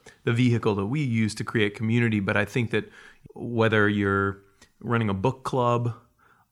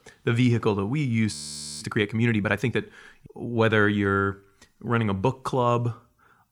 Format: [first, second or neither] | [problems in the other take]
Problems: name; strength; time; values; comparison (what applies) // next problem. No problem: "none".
first | audio freezing; at 1.5 s